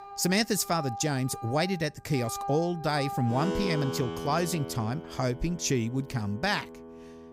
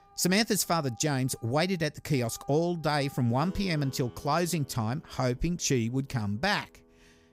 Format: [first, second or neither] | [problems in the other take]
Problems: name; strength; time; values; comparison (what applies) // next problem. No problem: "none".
second | background music; loud; throughout; 9 dB below the speech; faint in the second